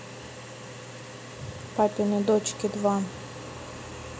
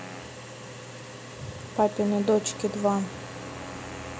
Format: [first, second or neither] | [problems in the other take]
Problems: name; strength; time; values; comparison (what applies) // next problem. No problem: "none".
first | background sound (Wind instrument, woodwind instrument); 17 dB below the speech